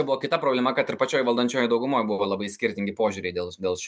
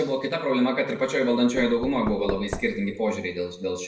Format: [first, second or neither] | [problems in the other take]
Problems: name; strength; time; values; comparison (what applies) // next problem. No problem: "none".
first | background sound (Knock / Wood); 12 dB below the speech // room echo; dies away in 0.5 s